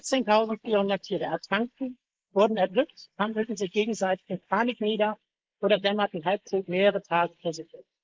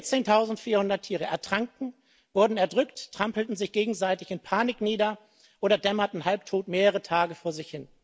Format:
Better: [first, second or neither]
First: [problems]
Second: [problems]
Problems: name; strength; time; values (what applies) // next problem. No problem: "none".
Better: second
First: noise reduction (neural mask model Resemble Enhance denoiser)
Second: none